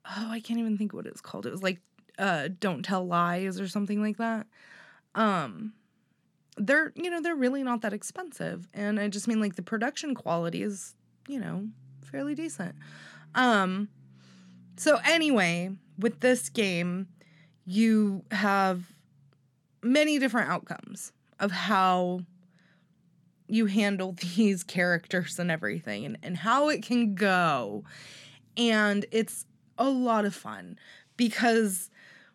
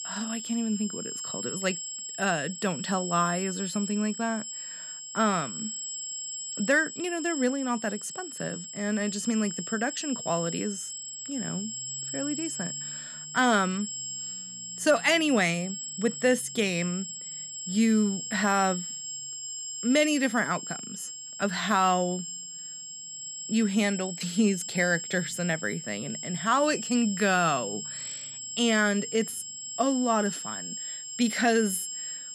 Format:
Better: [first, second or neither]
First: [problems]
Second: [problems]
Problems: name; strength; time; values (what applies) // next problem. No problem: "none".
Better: first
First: none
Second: high-pitched whine; loud; throughout; 7.5 kHz, 7 dB below the speech